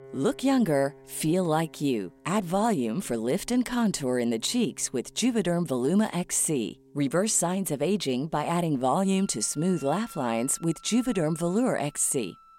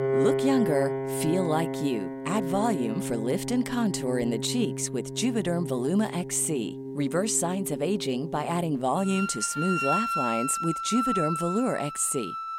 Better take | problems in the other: first | background music; loud; throughout; 4 dB below the speech; faint in the first

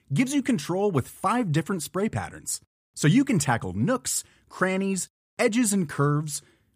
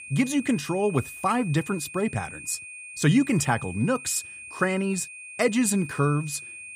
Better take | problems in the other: first | high-pitched whine; noticeable; throughout; 2.5 kHz, 15 dB below the speech

